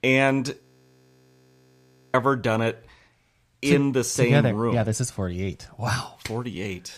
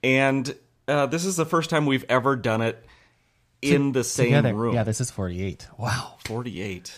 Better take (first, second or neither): second